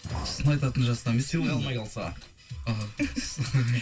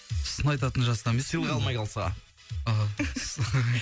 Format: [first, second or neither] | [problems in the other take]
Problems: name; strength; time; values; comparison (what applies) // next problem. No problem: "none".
second | background sound (Fire); 17 dB below the speech // room echo; dies away in 0.2 s